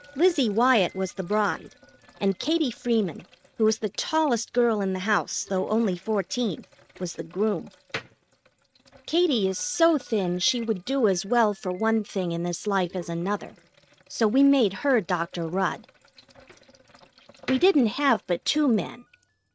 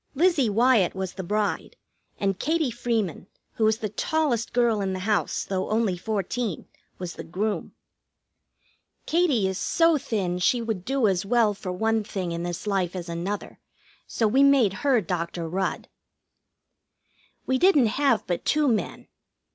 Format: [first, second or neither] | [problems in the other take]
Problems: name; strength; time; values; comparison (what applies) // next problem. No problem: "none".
second | noise reduction (neural mask model RNNoise)